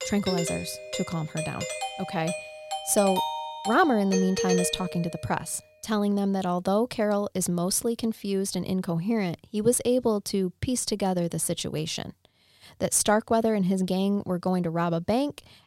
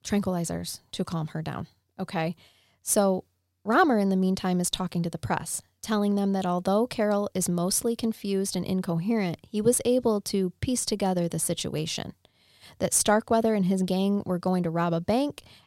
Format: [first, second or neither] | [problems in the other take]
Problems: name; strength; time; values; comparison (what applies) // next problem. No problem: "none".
second | doorbell; noticeable; until 5 s; peak level with the speech